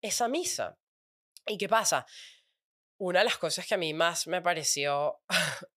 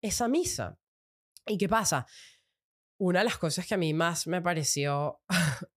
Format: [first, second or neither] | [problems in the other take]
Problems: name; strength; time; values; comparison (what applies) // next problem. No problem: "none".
second | thin; somewhat; fading below 600 Hz